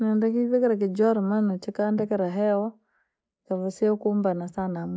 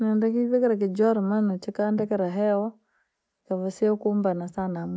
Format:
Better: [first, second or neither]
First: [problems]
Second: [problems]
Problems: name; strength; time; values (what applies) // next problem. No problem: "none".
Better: second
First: noise reduction (neural mask model Resemble Enhance denoiser)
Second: none